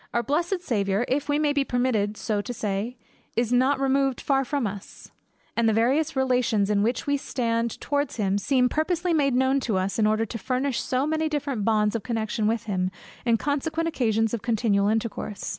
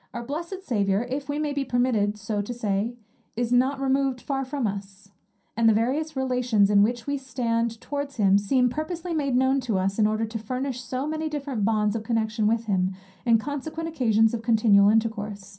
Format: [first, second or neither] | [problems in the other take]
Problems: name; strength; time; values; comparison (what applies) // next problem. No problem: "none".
first | room echo; dies away in 0.3 s